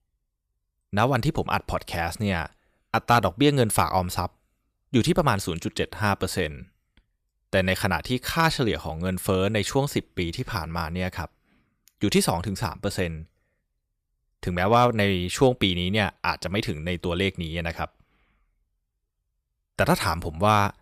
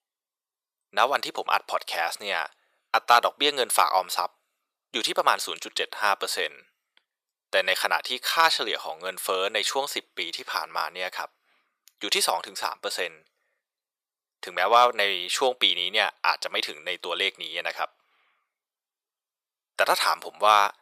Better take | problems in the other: first | thin; very; fading below 550 Hz

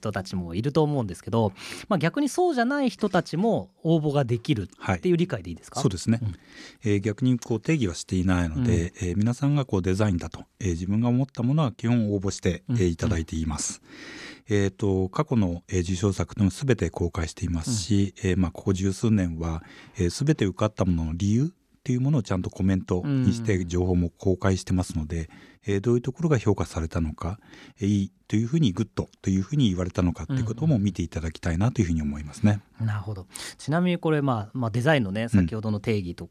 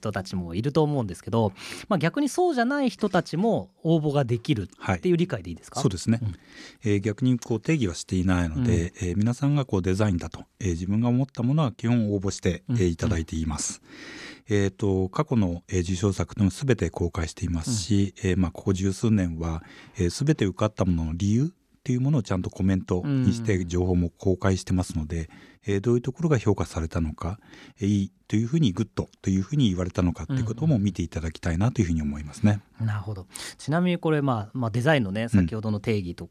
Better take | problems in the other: neither | none

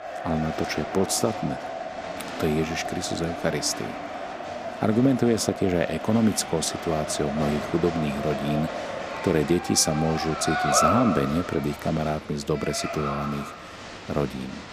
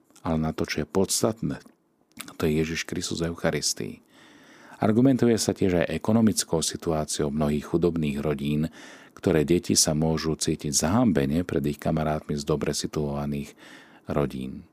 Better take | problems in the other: second | crowd noise; loud; throughout; 6 dB below the speech

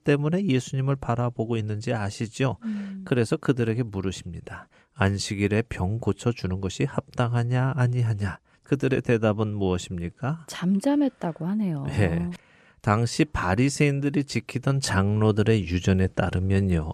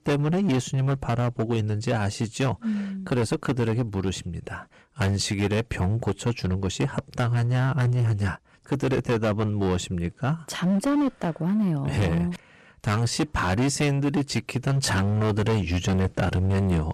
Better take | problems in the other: first | distortion; heavy; 17% of the sound clipped

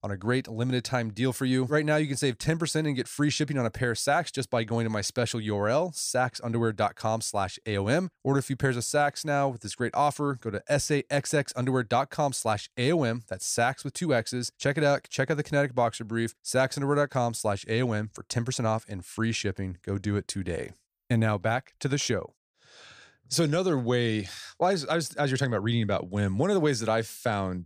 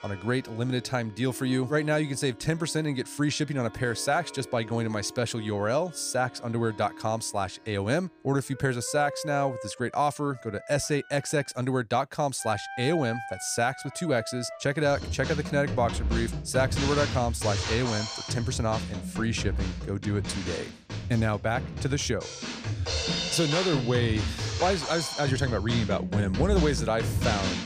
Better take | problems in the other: first | background music; loud; throughout; 5 dB below the speech

